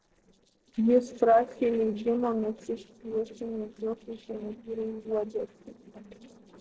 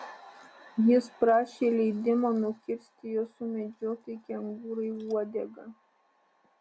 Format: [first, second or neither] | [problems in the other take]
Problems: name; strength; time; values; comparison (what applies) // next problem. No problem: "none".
second | noise reduction (neural separator model SepFormer DNS4)